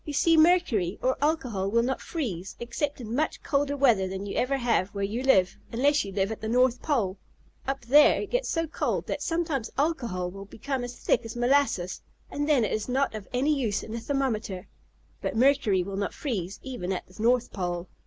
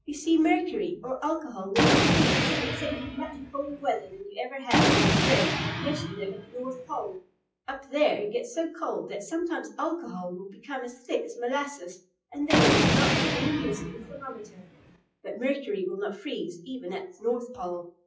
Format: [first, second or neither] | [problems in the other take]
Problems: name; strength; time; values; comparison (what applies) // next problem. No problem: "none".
first | noise reduction (classical method WPE with log-MMSE)